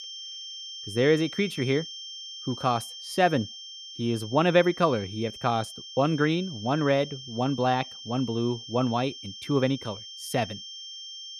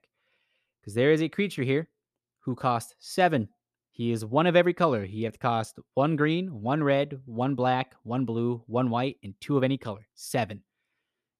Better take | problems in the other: second | high-pitched whine; noticeable; throughout; 3 kHz, 10 dB below the speech

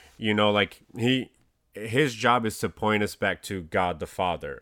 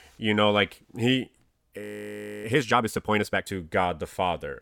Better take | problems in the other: first | audio freezing; at 2 s for 0.5 s

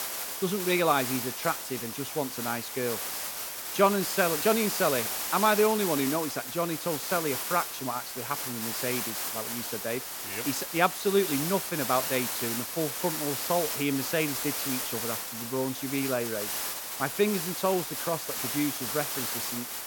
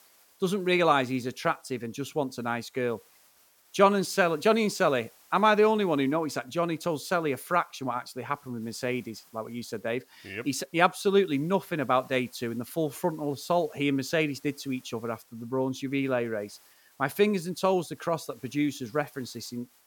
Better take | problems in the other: second | hiss; loud; throughout; 2 dB below the speech; faint in the second

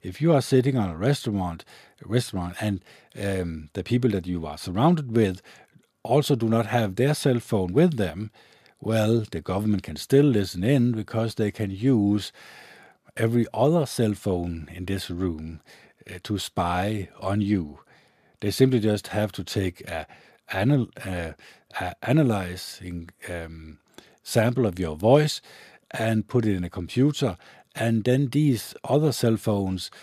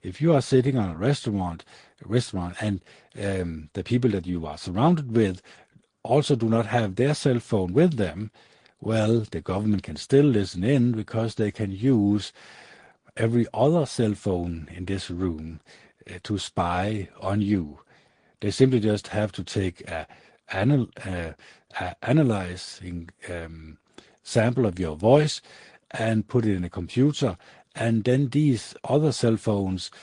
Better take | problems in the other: first | garbled, watery; slightly

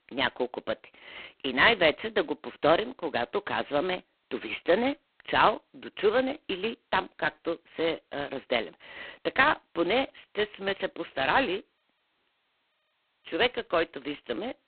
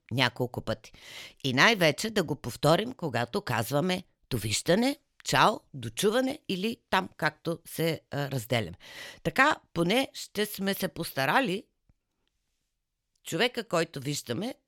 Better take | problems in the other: second | phone-call audio; poor line; nothing above 4 kHz

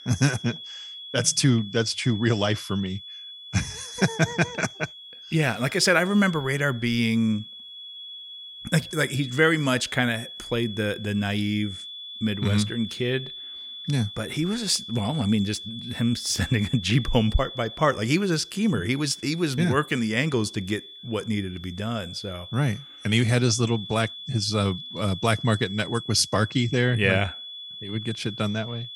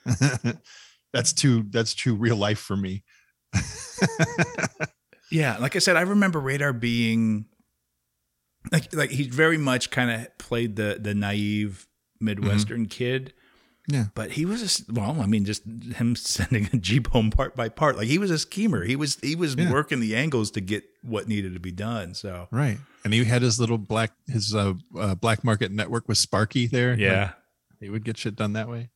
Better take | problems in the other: second | high-pitched whine; noticeable; throughout; 3.5 kHz, 10 dB below the speech

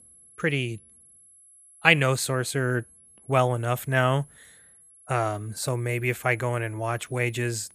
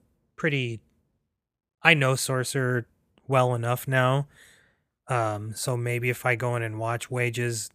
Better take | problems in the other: second | high-pitched whine; faint; throughout; 11 kHz, 25 dB below the speech

